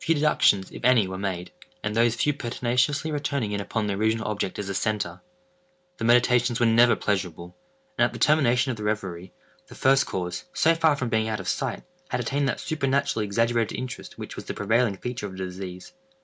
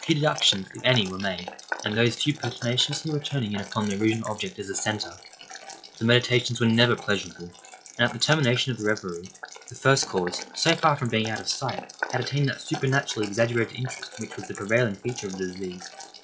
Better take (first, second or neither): first